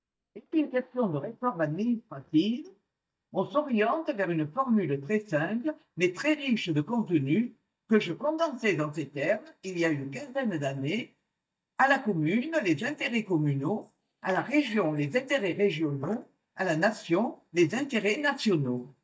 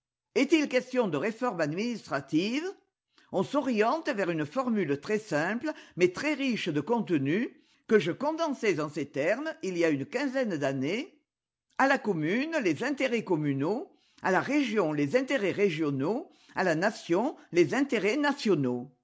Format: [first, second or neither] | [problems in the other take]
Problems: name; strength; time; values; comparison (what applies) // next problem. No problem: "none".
second | noise reduction (neural mask model DeepFilterNet 3)